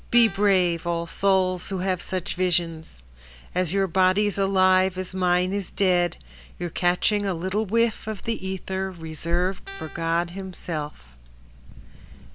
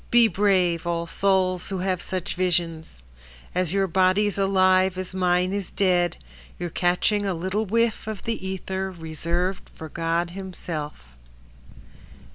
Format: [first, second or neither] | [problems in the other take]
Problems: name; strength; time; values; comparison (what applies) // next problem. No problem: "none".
second | background sound (Guitar); 18 dB below the speech